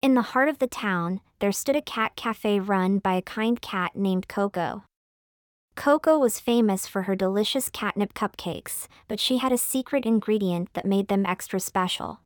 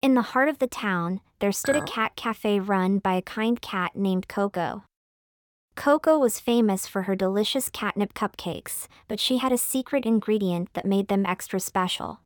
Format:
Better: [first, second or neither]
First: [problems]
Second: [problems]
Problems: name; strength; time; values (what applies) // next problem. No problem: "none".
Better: first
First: none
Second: clattering dishes; noticeable; at 1.5 s; peak 6 dB below the speech